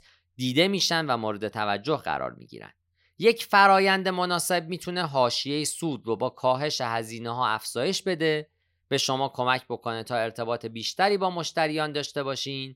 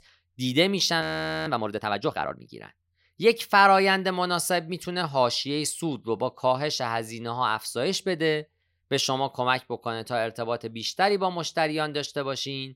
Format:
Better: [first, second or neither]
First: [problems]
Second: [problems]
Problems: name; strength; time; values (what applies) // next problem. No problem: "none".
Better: first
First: none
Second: audio freezing; at 1 s